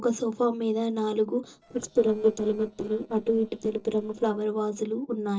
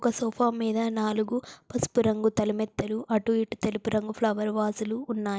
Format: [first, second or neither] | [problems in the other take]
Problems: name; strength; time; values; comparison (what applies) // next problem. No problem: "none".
second | noise reduction (neural separator model SepFormer DNS4)